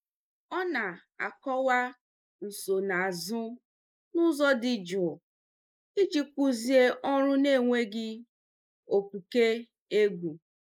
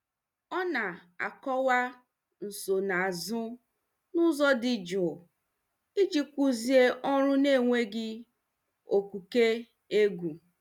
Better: second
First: noise reduction (neural mask model Resemble Enhance denoiser)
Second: none

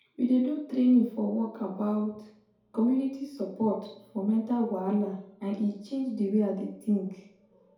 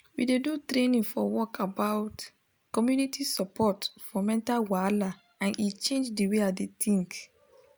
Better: second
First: room echo; dies away in 2.2 s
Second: none

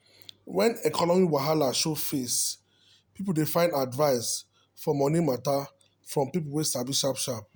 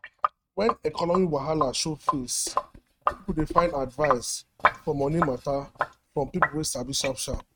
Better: first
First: none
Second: noise reduction (neural mask model RNNoise)

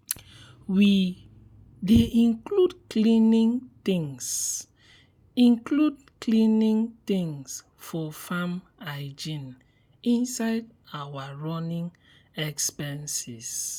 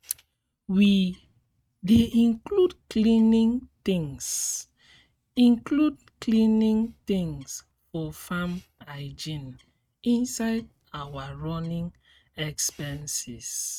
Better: first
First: none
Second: noise reduction (neural mask model RNNoise)

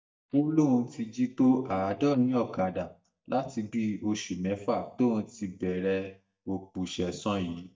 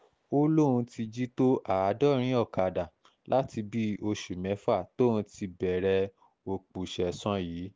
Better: second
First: noise reduction (neural mask model DeepFilterNet 3)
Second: none

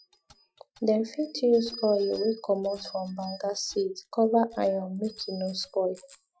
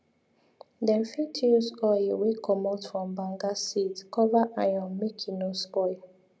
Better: second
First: noise reduction (classical method Wiener filter)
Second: none

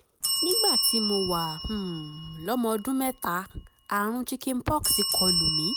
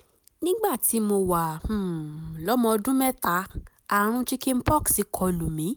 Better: second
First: background sound (Bell); 1 dB below the speech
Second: none

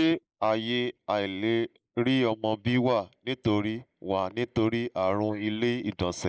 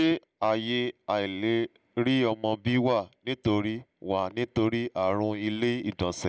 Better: second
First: noise reduction (neural mask model Resemble Enhance denoiser)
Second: none

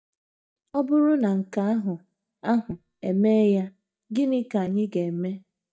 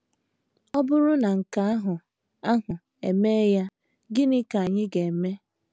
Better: second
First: noise reduction (neural mask model DeepFilterNet 3)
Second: none

